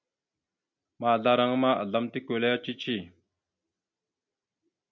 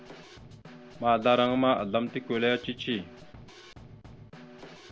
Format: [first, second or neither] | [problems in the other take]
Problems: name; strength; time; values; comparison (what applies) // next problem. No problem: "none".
first | background sound (Snare drum / Drum kit); 18 dB below the speech